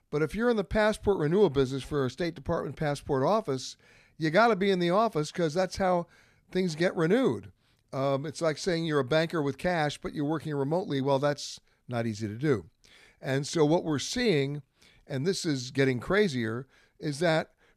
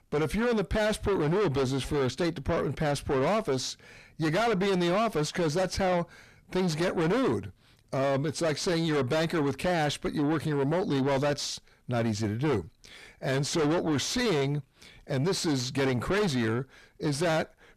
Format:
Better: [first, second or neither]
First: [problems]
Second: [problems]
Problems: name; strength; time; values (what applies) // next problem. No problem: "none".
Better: first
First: none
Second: distortion; heavy; 5 dB below the speech